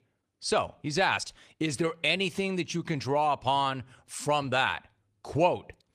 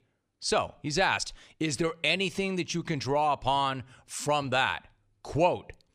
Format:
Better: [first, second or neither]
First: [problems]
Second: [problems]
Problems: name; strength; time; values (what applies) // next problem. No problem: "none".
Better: second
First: garbled, watery; slightly; nothing above 14.5 kHz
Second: none